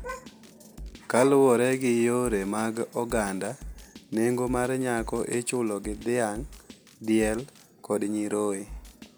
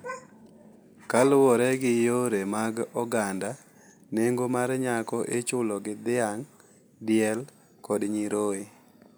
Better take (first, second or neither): second